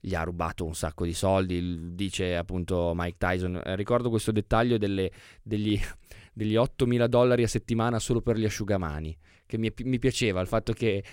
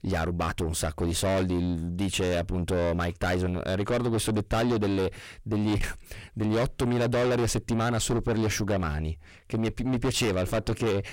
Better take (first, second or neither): first